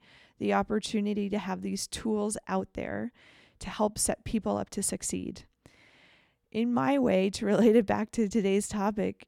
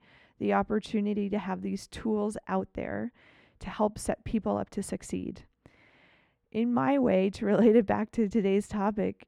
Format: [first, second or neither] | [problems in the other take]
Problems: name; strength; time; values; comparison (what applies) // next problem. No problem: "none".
first | muffled; slightly; fading above 3.5 kHz